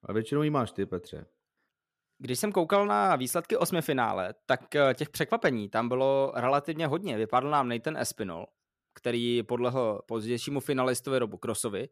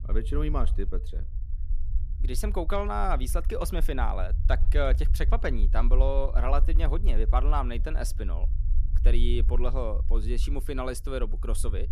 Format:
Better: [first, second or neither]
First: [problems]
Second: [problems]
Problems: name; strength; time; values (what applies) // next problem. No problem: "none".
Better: first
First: none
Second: low rumble; noticeable; throughout; 20 dB below the speech